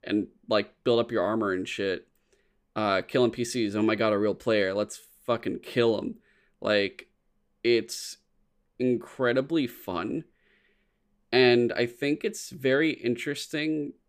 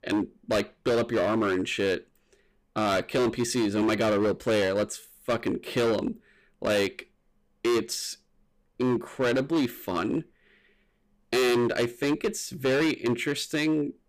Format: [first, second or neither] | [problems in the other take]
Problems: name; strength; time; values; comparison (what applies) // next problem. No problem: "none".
first | distortion; heavy; 14% of the sound clipped